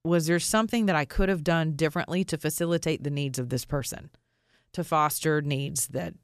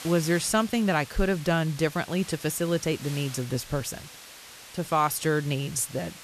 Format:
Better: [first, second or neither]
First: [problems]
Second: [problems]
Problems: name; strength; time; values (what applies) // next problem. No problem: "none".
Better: first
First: none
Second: hiss; noticeable; throughout; 15 dB below the speech